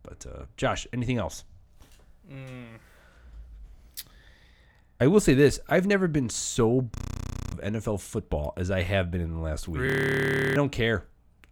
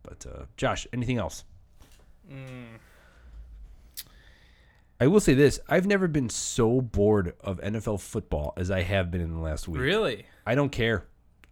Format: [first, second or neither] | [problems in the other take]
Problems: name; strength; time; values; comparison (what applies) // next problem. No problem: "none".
second | audio freezing; at 7 s for 0.5 s and at 10 s for 0.5 s